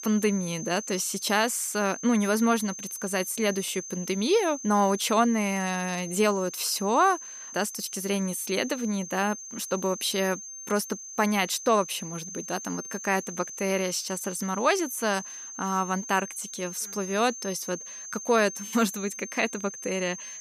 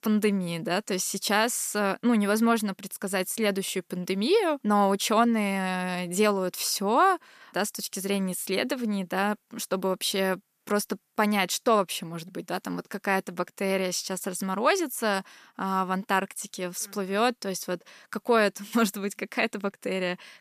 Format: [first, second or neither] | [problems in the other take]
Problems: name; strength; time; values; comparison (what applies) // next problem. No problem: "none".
second | high-pitched whine; loud; throughout; 6.5 kHz, 10 dB below the speech